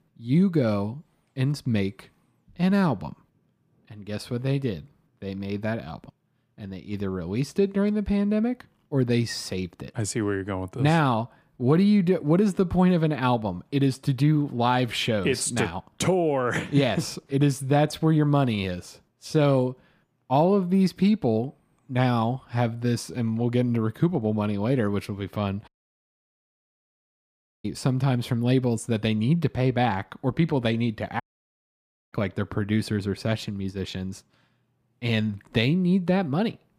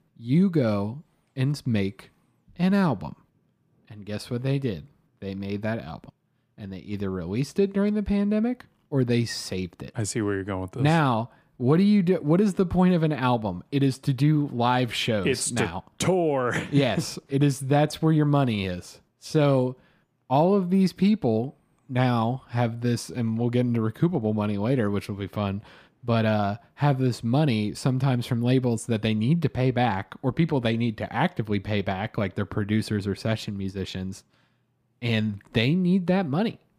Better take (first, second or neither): second